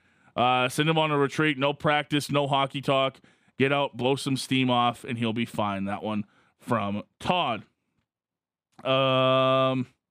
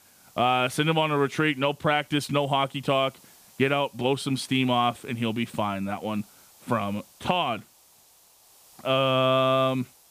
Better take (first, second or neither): first